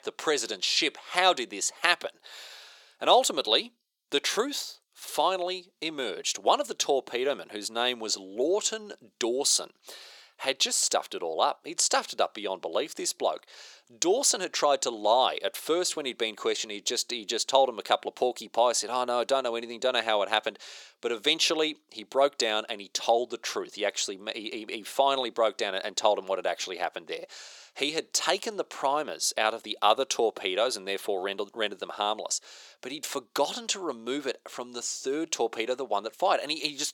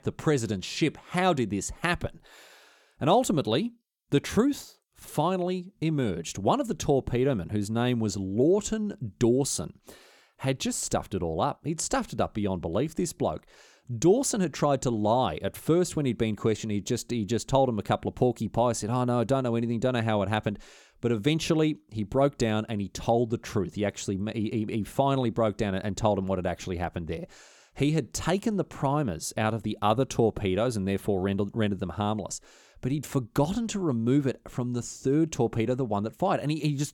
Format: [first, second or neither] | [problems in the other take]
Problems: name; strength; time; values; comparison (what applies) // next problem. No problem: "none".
second | thin; very; fading below 450 Hz